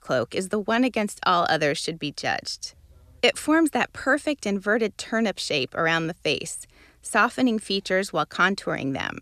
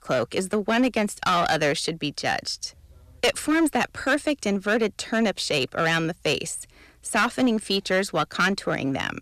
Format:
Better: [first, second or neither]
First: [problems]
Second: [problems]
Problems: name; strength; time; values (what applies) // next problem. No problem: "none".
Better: first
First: none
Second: distortion; slight; 7% of the sound clipped